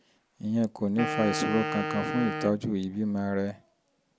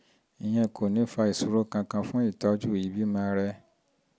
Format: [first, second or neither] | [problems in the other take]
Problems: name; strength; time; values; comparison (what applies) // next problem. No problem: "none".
second | background sound (Wind instrument, woodwind instrument); 5 dB below the speech